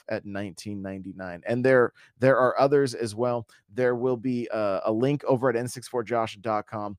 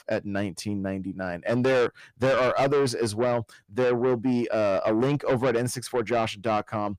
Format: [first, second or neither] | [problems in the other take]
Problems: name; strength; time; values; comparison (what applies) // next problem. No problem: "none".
first | distortion; heavy; 6 dB below the speech